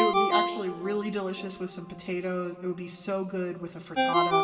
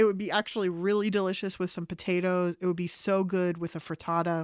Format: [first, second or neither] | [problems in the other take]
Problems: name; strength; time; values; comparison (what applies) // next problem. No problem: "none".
second | background sound (Ringtone); 2 dB above the speech // room echo; dies away in 2 s